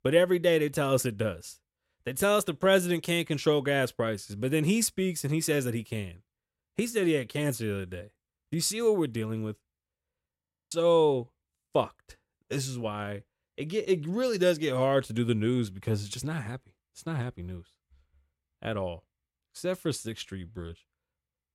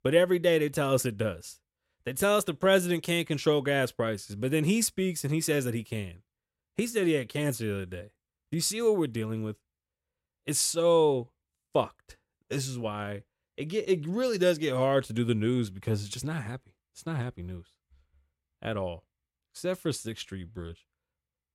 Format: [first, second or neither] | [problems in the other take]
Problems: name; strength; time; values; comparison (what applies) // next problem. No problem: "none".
second | audio freezing; at 10 s